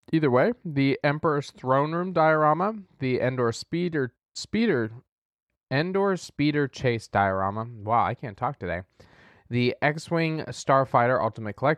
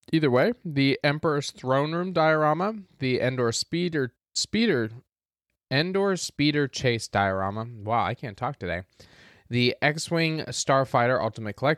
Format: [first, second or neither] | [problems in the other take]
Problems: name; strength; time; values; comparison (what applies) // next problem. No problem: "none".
second | muffled; slightly; fading above 2.5 kHz